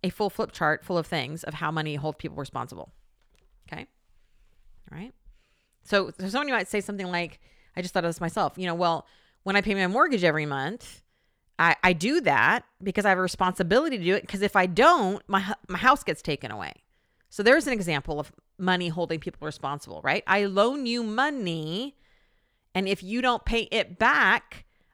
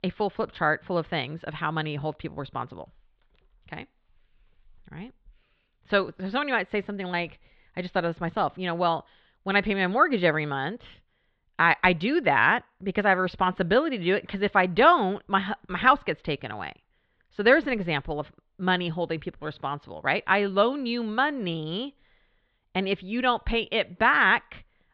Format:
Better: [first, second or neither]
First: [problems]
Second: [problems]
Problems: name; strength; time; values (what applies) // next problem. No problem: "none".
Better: first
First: none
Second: muffled; slightly; fading above 3.5 kHz